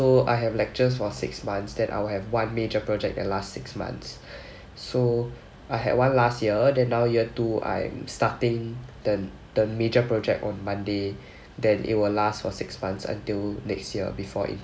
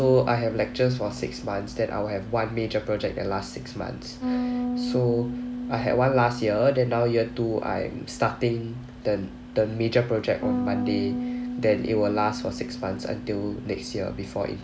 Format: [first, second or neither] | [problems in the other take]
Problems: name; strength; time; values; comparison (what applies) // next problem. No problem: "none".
first | background sound (Bass guitar); 7 dB below the speech